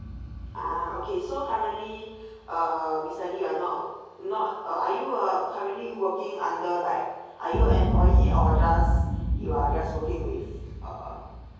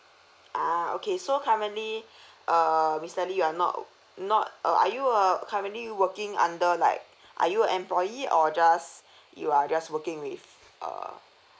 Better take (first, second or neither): second